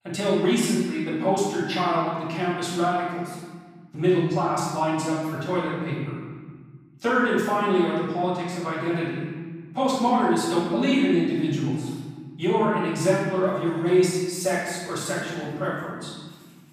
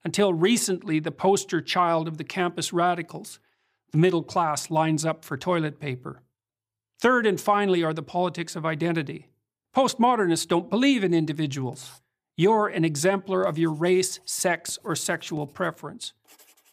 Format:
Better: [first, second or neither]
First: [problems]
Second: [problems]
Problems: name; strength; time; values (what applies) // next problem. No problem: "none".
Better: second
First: room echo; strong; dies away in 1.6 s // off-mic speech; far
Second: none